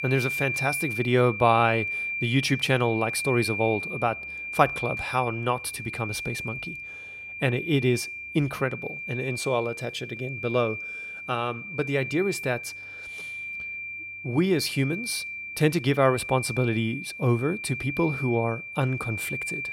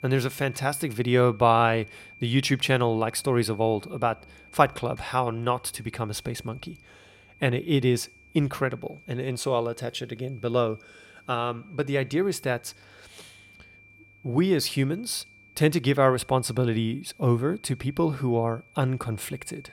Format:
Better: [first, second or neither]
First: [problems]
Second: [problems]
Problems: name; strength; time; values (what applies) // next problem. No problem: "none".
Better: second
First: high-pitched whine; loud; throughout; 2.5 kHz, 6 dB below the speech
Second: high-pitched whine; faint; throughout; 2.5 kHz, 25 dB below the speech